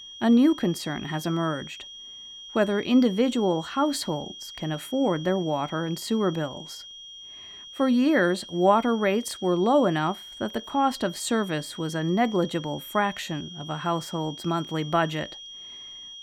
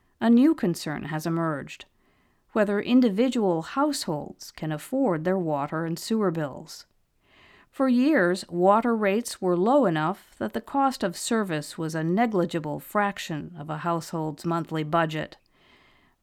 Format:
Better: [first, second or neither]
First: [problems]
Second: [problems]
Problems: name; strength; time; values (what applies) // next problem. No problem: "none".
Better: second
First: high-pitched whine; noticeable; throughout; 3.5 kHz, 15 dB below the speech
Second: none